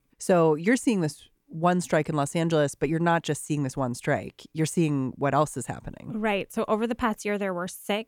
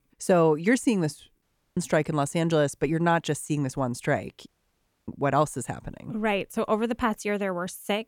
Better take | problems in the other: first | audio cutting out; at 1.5 s and at 4.5 s for 0.5 s

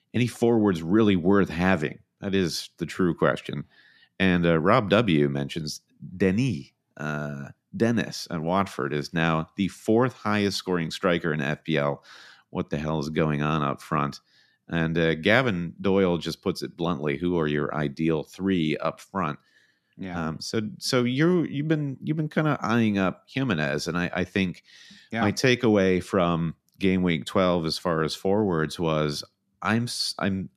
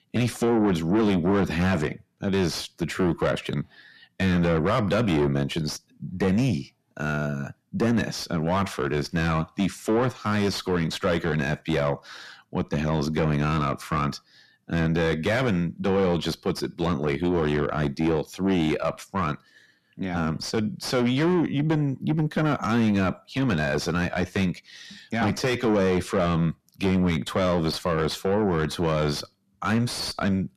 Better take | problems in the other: first | distortion; heavy; 6 dB below the speech

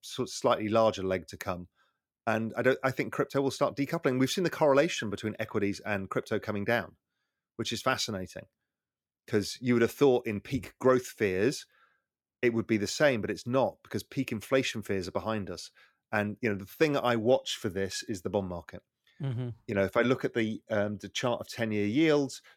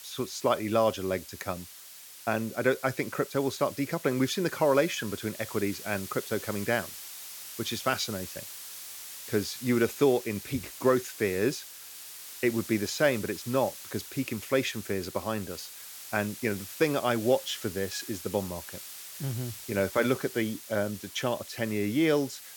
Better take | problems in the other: first | hiss; noticeable; throughout; 10 dB below the speech

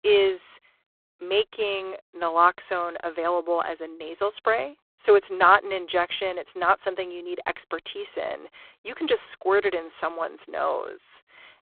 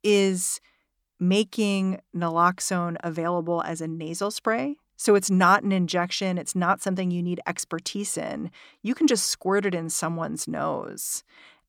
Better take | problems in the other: second | phone-call audio; poor line

